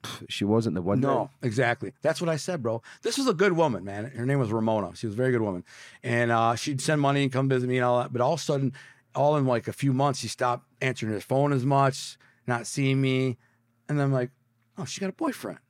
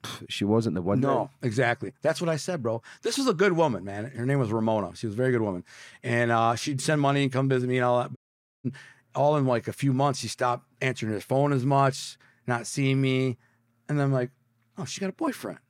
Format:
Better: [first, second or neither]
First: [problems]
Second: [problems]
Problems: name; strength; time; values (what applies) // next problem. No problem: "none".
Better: first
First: none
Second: audio cutting out; at 8 s